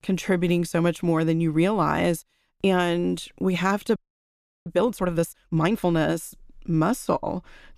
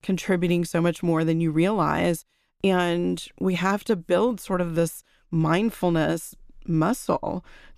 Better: second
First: audio freezing; at 4 s for 0.5 s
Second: none

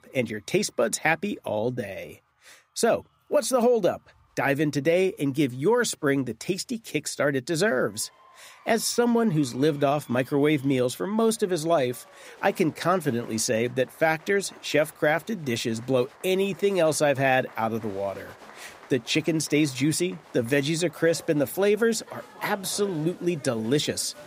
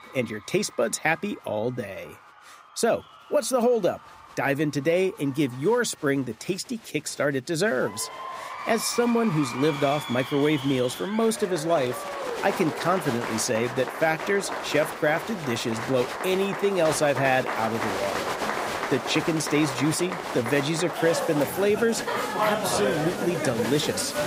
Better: first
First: crowd noise; faint; throughout; 25 dB below the speech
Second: crowd noise; loud; throughout; 5 dB below the speech

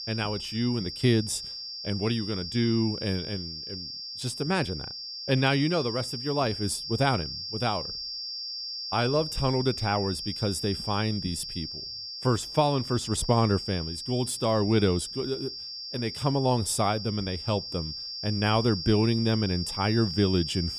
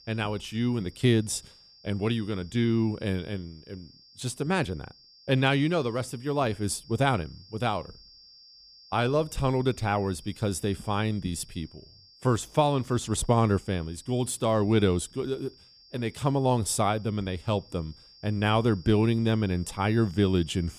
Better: second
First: high-pitched whine; loud; throughout; 5 kHz, 6 dB below the speech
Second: high-pitched whine; faint; throughout; 5 kHz, 25 dB below the speech

